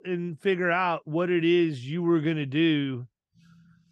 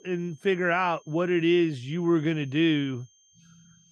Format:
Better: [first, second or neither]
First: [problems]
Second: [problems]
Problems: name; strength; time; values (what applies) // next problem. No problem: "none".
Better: first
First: none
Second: high-pitched whine; faint; throughout; 6.5 kHz, 35 dB below the speech